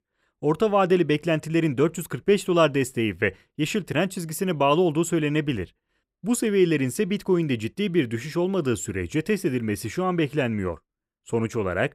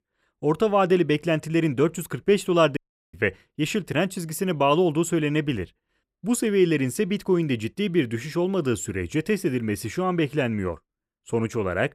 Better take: first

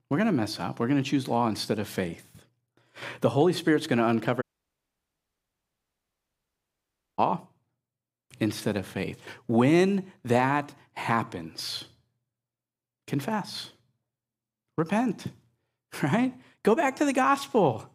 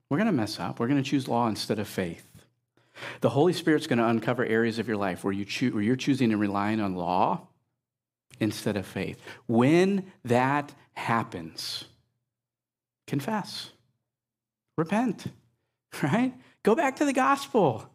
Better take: second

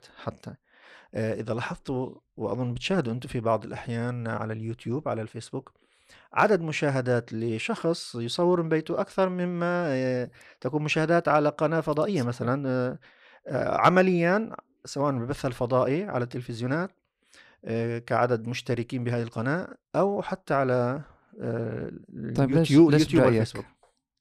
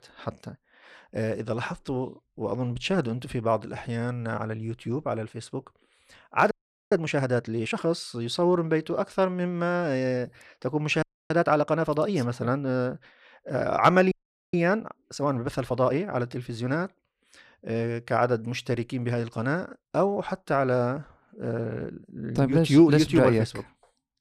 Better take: first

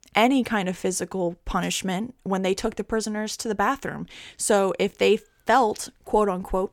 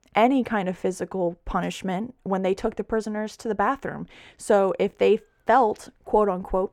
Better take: first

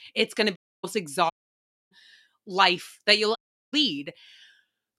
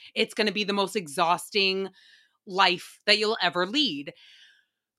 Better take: second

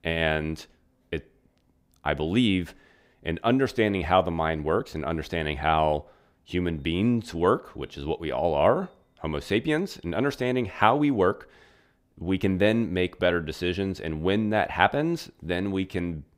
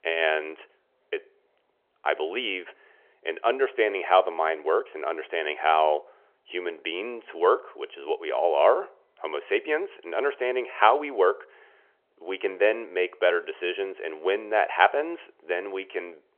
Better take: first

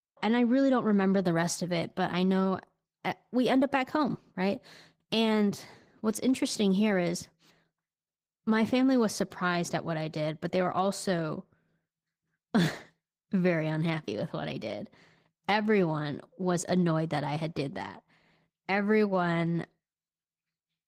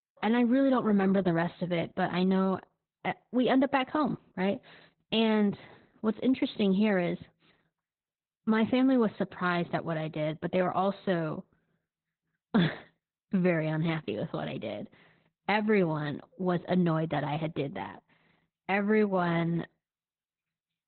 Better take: first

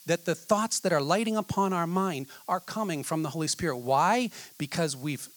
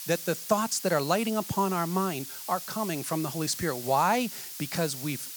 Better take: first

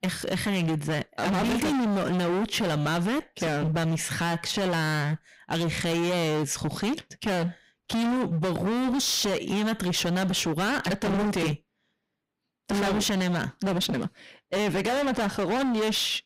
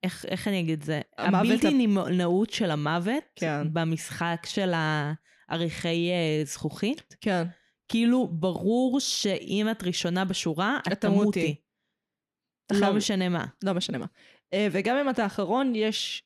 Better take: second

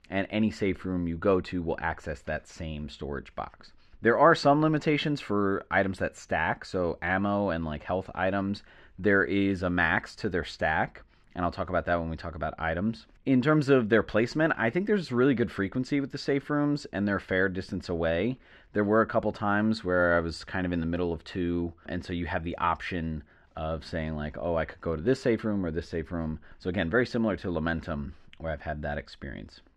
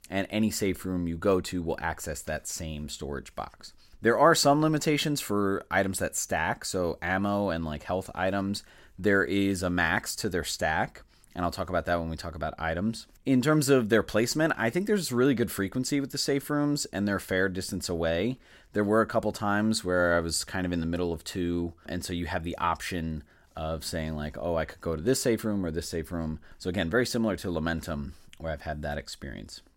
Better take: second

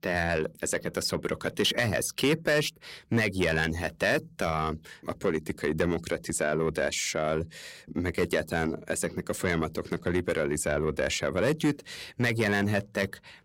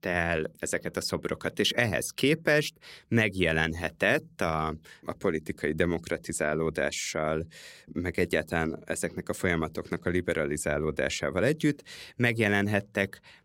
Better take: second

